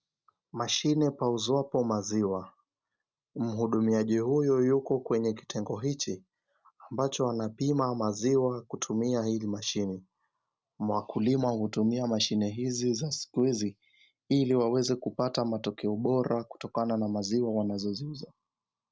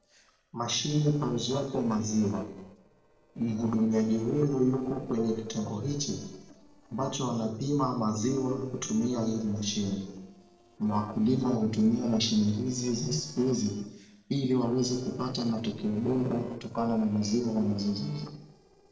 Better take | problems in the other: first | noise reduction (neural separator model SepFormer DNS4)

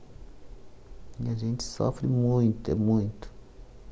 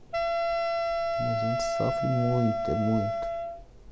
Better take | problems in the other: first | background sound (Wind instrument, woodwind instrument); 2 dB above the speech

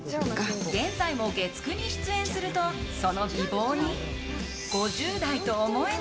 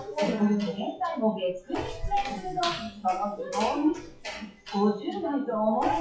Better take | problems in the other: first | noise reduction (classical method WPE with log-MMSE)

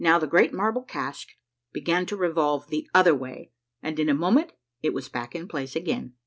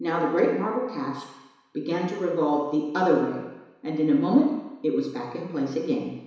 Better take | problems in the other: first | room echo; dies away in 1 s

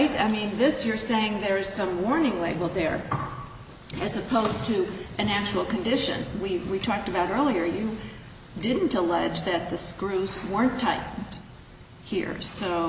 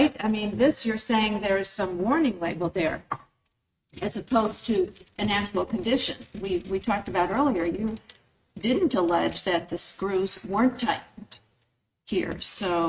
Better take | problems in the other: first | noise reduction (neural mask model RNNoise)

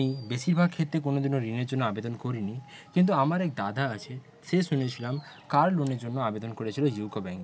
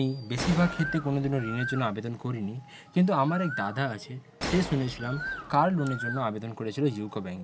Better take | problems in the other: first | background sound (Gunshot, gunfire + Bird); 10 dB below the speech

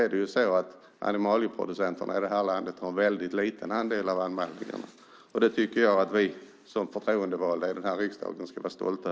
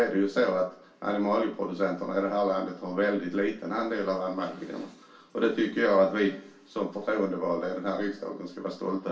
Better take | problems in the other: first | room echo; dies away in 0.3 s

